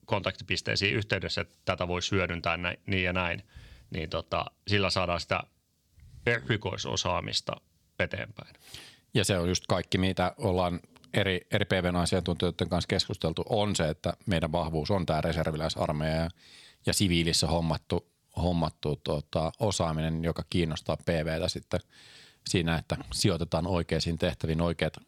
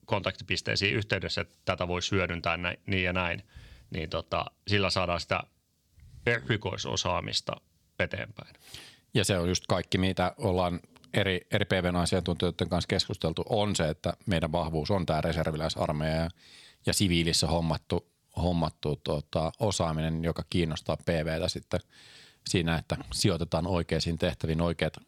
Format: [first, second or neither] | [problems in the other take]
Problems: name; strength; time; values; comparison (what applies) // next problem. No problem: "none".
neither | none